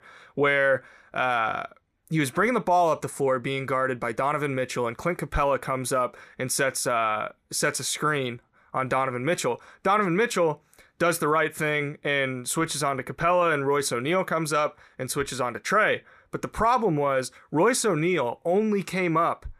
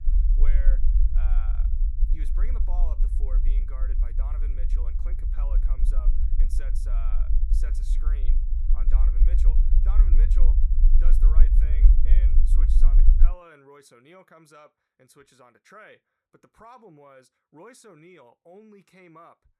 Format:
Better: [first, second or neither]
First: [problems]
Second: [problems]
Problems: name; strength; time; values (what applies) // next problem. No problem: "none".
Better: first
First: none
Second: low rumble; loud; until 13 s; 1 dB below the speech